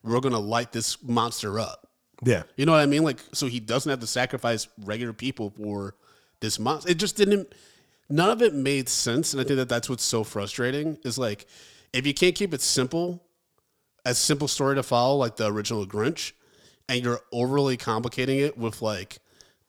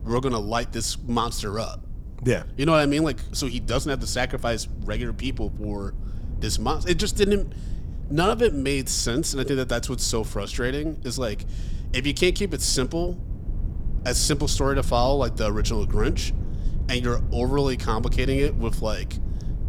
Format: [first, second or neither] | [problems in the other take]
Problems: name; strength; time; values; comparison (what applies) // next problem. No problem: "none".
first | low rumble; faint; throughout; 20 dB below the speech